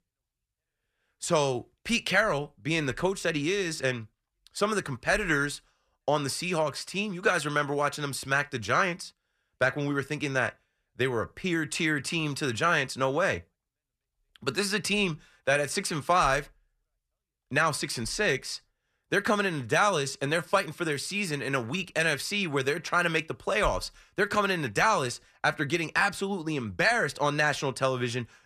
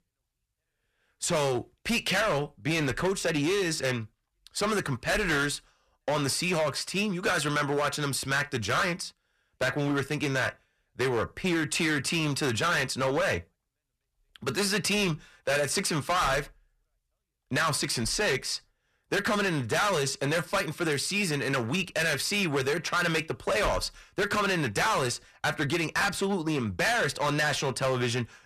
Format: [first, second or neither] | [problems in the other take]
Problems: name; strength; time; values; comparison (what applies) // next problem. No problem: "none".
first | distortion; heavy; 13% of the sound clipped